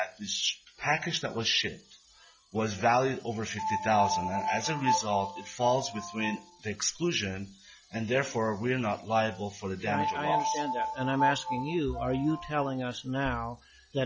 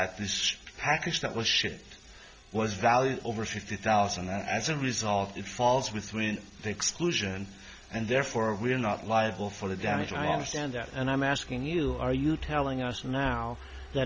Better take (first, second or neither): second